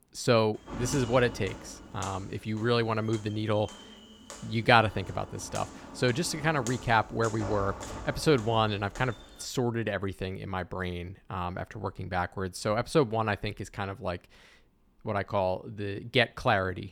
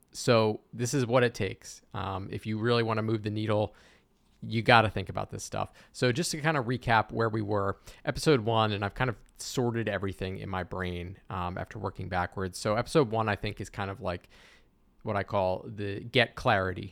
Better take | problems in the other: second | footsteps; noticeable; from 0.5 to 9.5 s; peak 8 dB below the speech

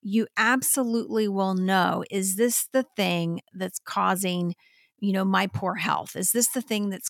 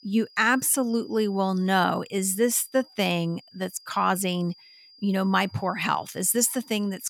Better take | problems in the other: first | high-pitched whine; faint; throughout; 5 kHz, 25 dB below the speech

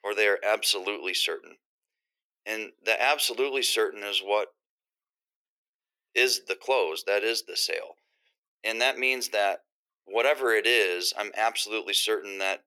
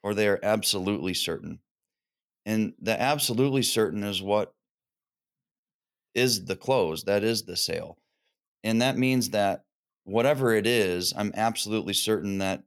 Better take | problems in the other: second | thin; very; fading below 350 Hz

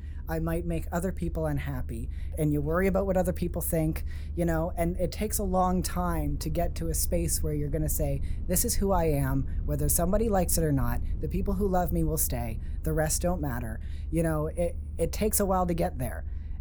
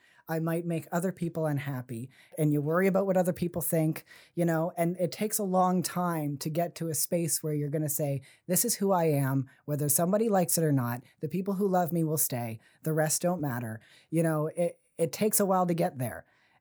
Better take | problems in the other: second | low rumble; faint; throughout; 20 dB below the speech

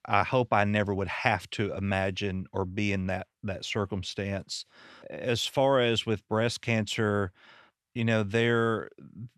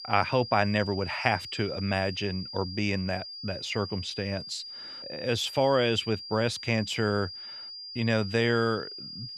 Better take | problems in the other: first | high-pitched whine; loud; throughout; 5 kHz, 10 dB below the speech

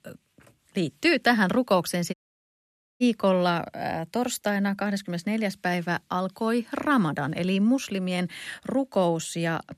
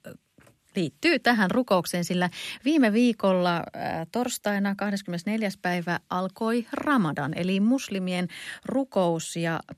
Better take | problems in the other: second | audio cutting out; at 2 s for 1 s

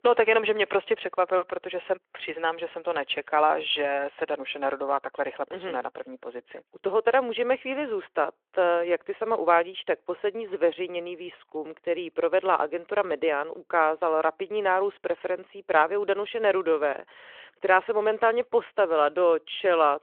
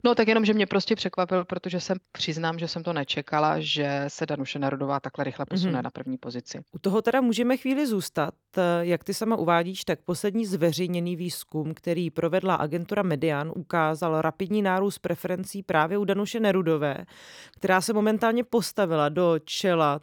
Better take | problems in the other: second | phone-call audio; nothing above 3.5 kHz

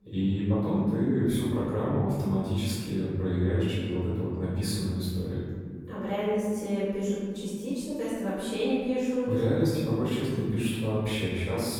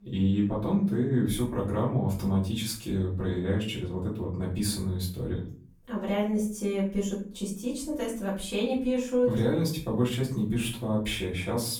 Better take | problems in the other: second | room echo; strong; dies away in 1.8 s; slight in the second // off-mic speech; far; far in the second

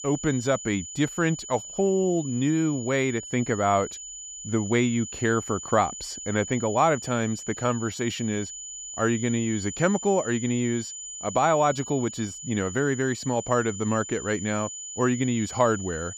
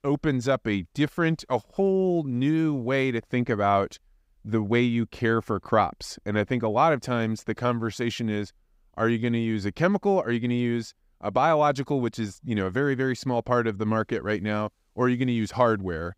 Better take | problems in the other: second | high-pitched whine; loud; throughout; 7 kHz, 10 dB below the speech

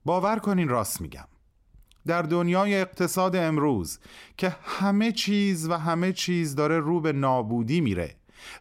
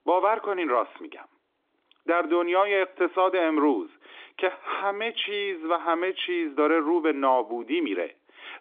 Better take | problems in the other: first | phone-call audio; nothing above 3.5 kHz

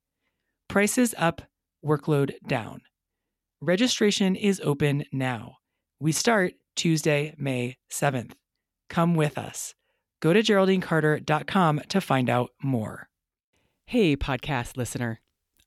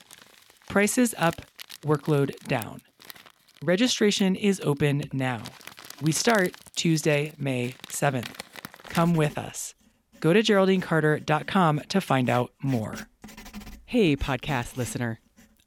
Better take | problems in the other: first | household noises; noticeable; throughout; 20 dB below the speech

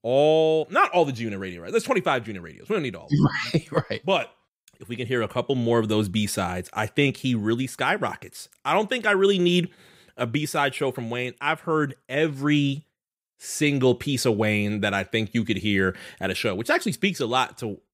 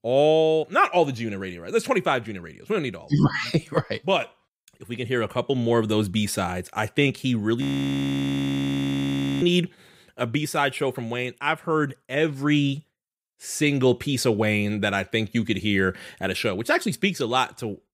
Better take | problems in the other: first | audio freezing; at 7.5 s for 2 s

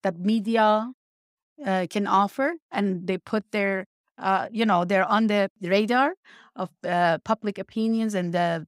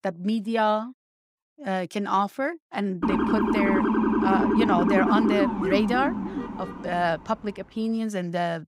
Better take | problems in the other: first | siren; loud; from 3 to 7 s; peak 5 dB above the speech

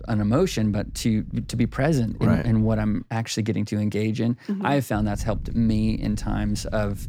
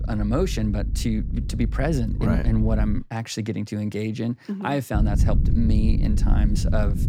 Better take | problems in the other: first | low rumble; loud; until 3 s and from 5 s on; 9 dB below the speech; faint in the first

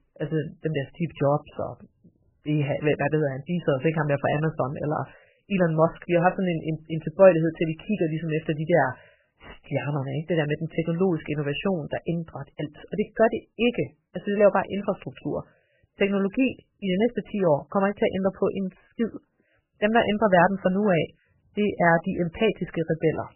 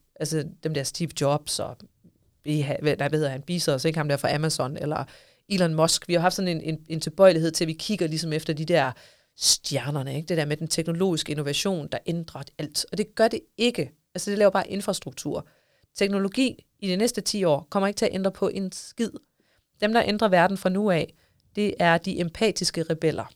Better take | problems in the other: second | garbled, watery; badly; nothing above 3 kHz

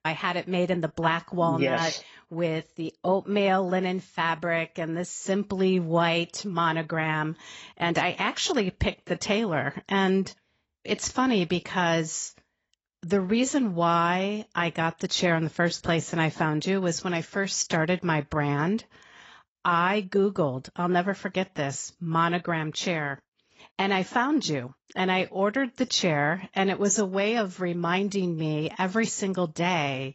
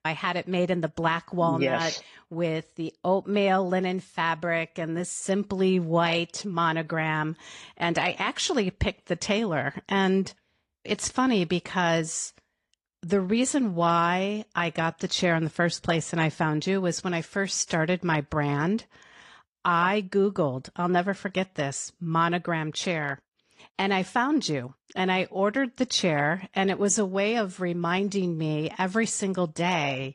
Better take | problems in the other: second | garbled, watery; badly; nothing above 7.5 kHz; slightly in the second

